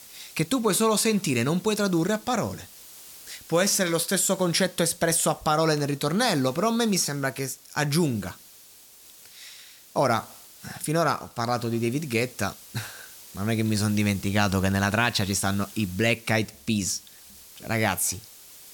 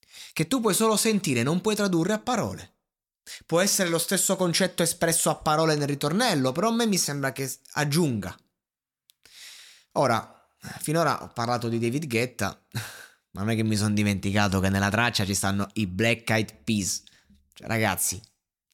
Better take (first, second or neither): second